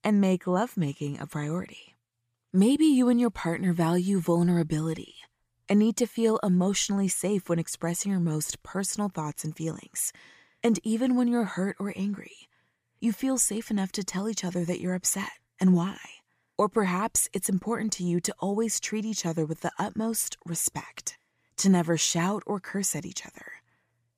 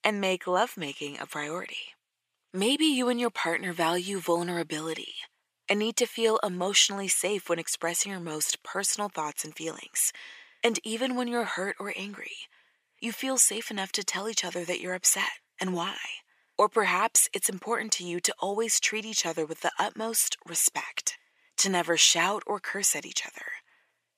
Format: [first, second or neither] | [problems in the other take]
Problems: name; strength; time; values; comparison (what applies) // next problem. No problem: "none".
first | thin; somewhat; fading below 450 Hz